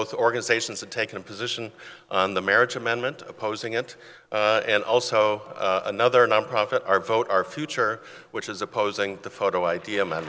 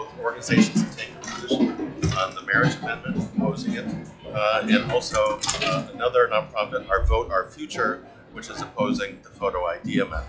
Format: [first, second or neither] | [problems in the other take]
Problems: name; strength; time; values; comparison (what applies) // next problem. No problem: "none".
first | noise reduction (classical method log-MMSE)